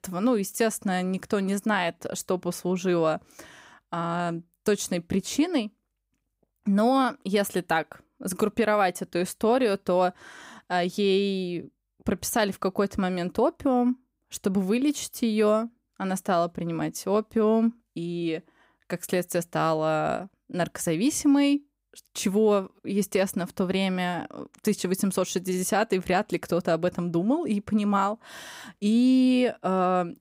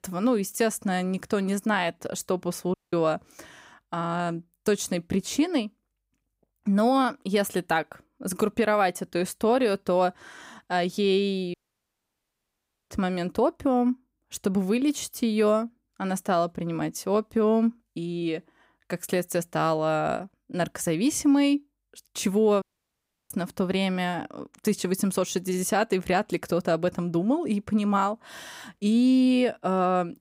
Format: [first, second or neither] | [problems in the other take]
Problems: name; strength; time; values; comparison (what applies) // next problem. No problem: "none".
first | audio cutting out; at 2.5 s, at 12 s for 1.5 s and at 23 s for 0.5 s